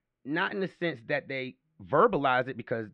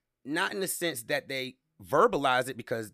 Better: second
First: muffled; slightly; fading above 3 kHz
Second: none

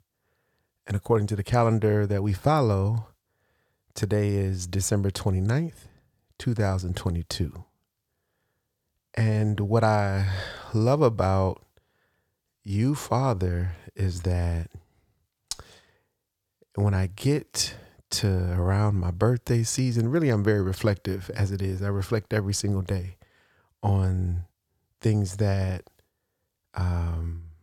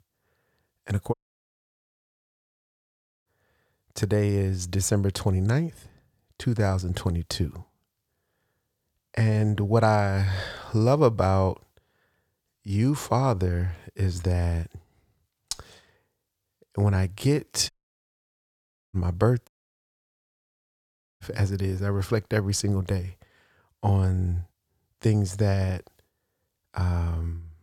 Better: first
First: none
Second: audio cutting out; at 1 s for 2 s, at 18 s for 1 s and at 19 s for 1.5 s

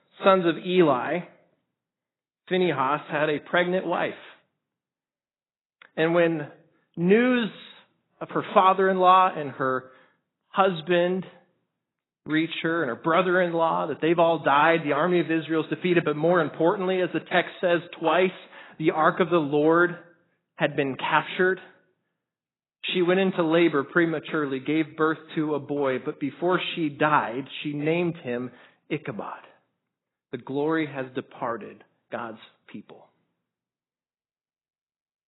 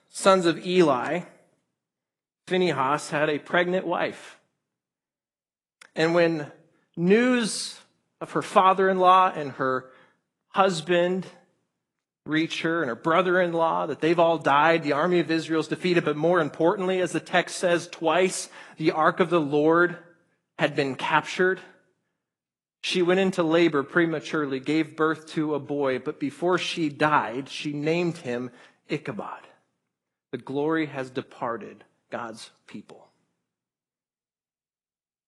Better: second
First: garbled, watery; badly; nothing above 4 kHz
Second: garbled, watery; slightly; nothing above 10.5 kHz

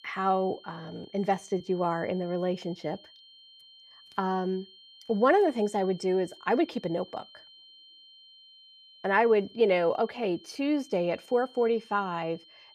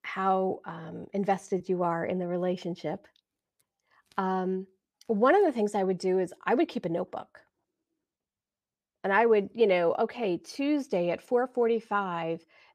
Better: second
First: high-pitched whine; faint; throughout; 3 kHz, 25 dB below the speech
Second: none

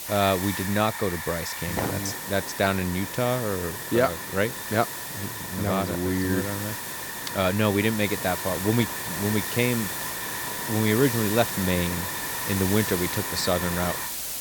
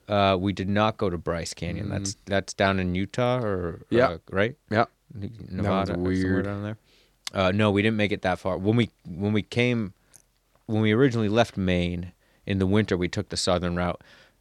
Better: second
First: hiss; loud; throughout; 4 dB below the speech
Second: none

